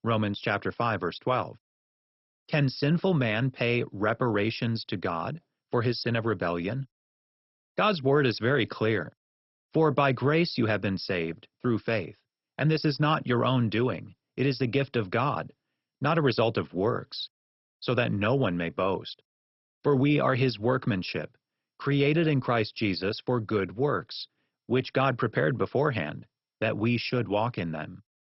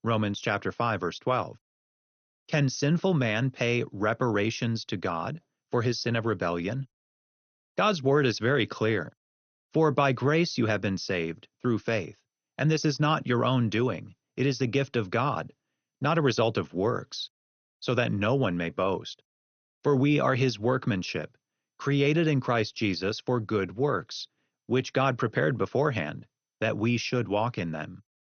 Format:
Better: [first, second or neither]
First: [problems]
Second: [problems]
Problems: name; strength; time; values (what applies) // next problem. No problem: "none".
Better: second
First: garbled, watery; badly; nothing above 5.5 kHz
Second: garbled, watery; slightly; nothing above 6.5 kHz